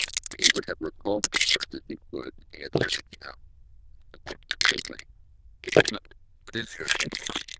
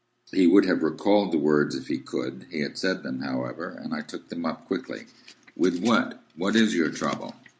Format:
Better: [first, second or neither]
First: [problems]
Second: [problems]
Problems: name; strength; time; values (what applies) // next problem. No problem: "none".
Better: second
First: noise reduction (neural diffusion model UNIVERSE++)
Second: none